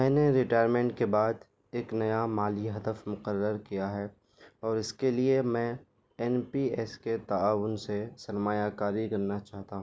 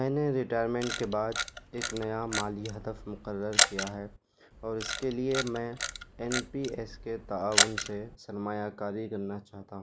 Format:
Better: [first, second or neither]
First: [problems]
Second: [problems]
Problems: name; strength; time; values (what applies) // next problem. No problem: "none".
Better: first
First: none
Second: background sound (Camera); as loud as the speech